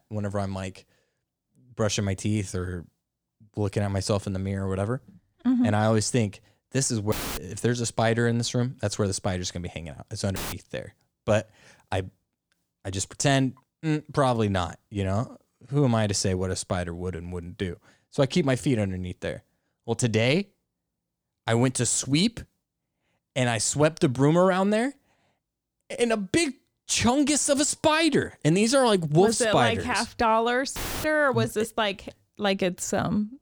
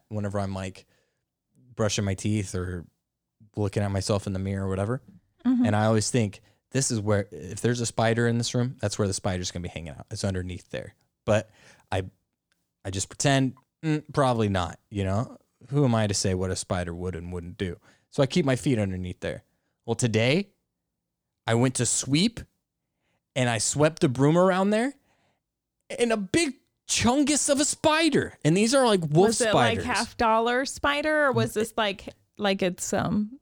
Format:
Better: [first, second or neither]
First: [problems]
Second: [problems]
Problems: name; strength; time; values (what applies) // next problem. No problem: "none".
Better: second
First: audio cutting out; filled with static; at 7 s, at 10 s and at 31 s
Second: none